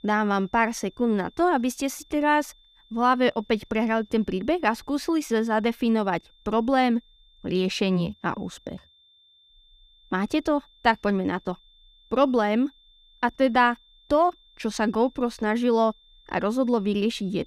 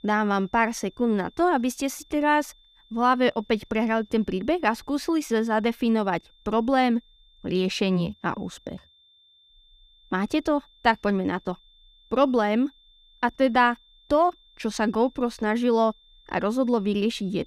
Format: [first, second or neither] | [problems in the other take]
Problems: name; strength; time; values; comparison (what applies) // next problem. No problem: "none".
neither | high-pitched whine; faint; throughout; 3.5 kHz, 30 dB below the speech; the same in both